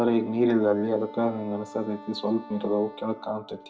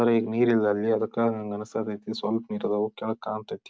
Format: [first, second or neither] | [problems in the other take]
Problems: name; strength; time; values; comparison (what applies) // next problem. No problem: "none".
second | background sound (Wind instrument, woodwind instrument); 18 dB below the speech // room echo; dies away in 0.6 s